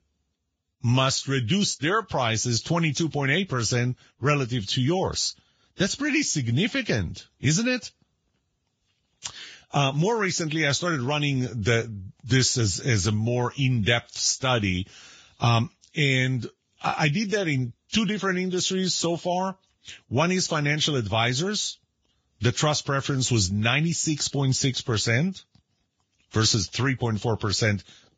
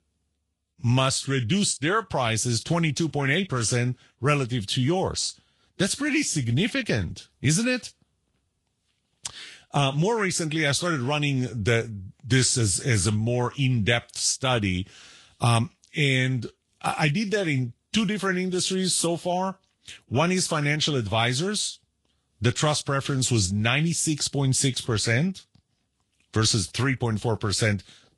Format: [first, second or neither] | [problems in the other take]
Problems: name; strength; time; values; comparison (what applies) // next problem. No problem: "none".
second | garbled, watery; badly; nothing above 7.5 kHz; slightly in the second